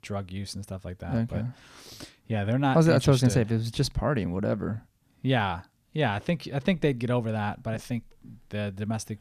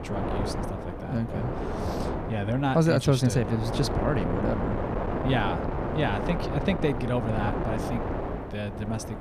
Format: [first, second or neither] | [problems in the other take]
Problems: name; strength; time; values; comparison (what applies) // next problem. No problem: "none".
first | wind noise on the microphone; heavy; 2 dB below the speech